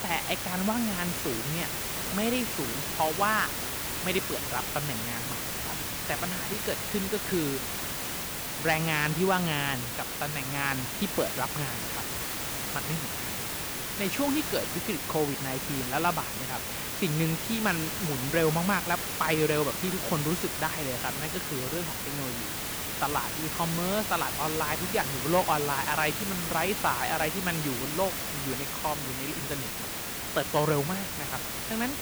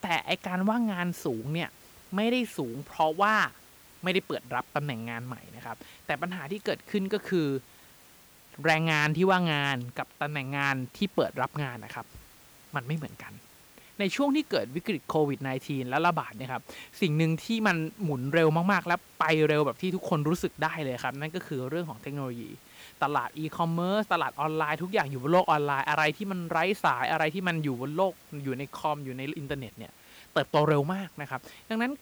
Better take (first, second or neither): second